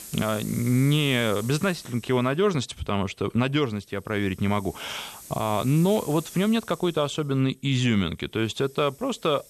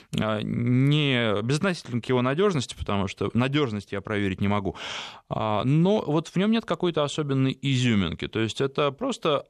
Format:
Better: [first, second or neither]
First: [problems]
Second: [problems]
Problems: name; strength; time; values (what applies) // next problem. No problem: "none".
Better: second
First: hiss; noticeable; throughout; 15 dB below the speech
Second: none